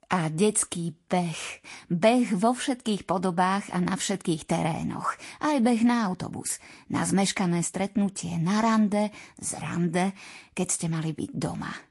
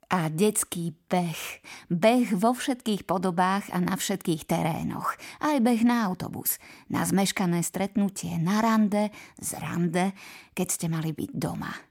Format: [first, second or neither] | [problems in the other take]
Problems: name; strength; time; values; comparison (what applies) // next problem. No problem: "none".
second | garbled, watery; slightly; nothing above 11 kHz